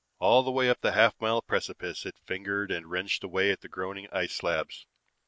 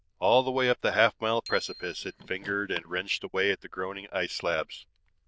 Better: first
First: none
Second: noise reduction (neural diffusion model UNIVERSE++)

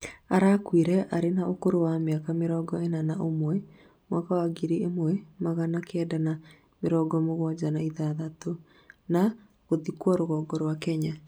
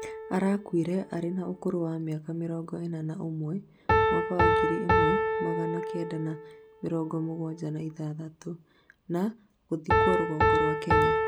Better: first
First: none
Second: background sound (Piano); 3 dB above the speech

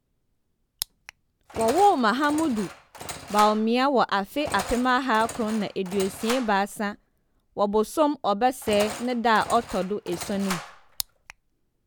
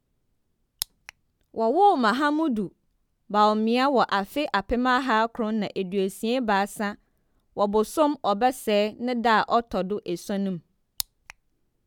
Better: second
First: background sound (Engine); 13 dB below the speech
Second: none

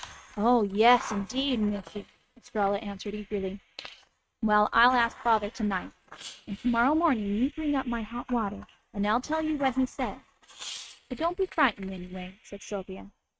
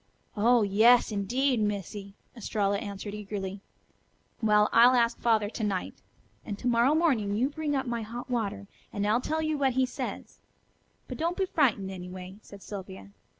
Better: second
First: noise reduction (neural mask model RNNoise)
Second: none

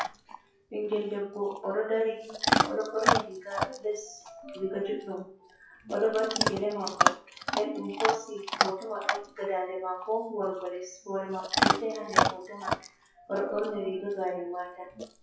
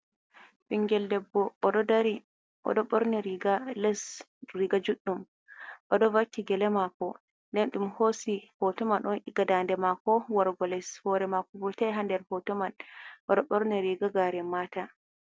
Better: second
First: noise reduction (classical method WPE with log-MMSE)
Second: none

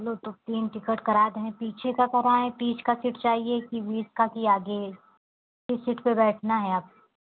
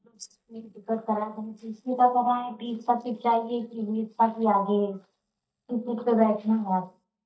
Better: first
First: none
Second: noise reduction (neural mask model DeepFilterNet 3)

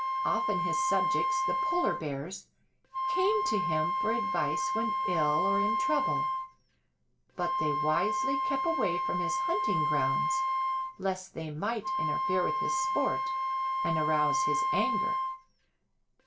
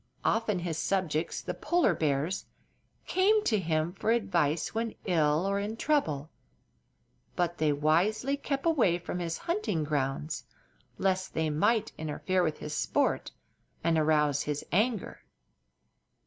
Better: second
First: background sound (Wind instrument, woodwind instrument); 4 dB above the speech // room echo; dies away in 0.2 s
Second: none

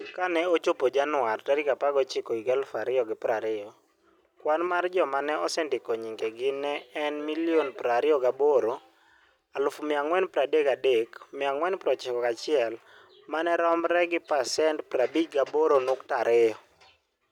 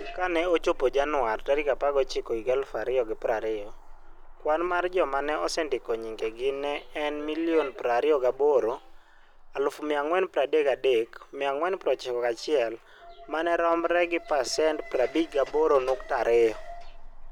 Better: first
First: none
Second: background sound (Alarm); 16 dB below the speech

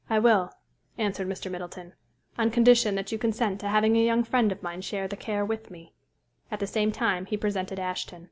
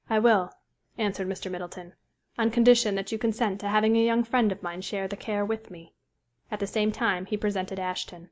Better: first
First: none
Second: noise reduction (neural mask model Resemble Enhance denoiser)

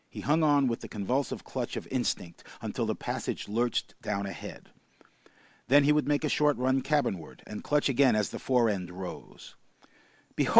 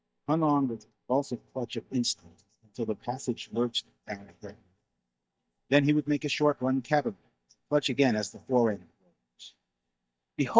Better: first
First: none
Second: noise reduction (neural mask model DeepFilterNet 3)

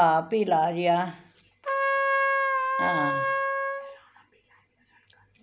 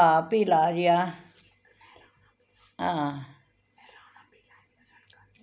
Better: second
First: background sound (Trumpet); as loud as the speech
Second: none

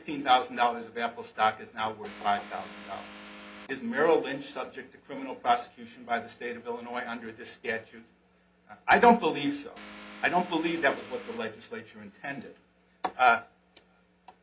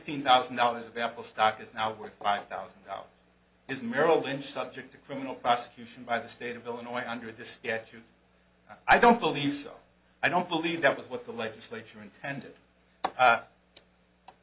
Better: second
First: background sound (Vehicle); 16 dB below the speech // room echo; dies away in 0.3 s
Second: none

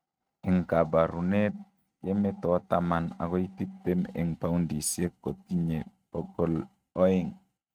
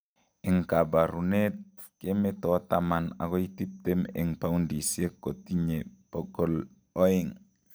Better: second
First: noise reduction (neural mask model RNNoise)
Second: none

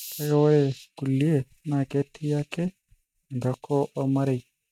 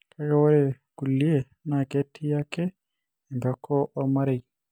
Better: second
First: noise reduction (neural mask model RNNoise)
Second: none

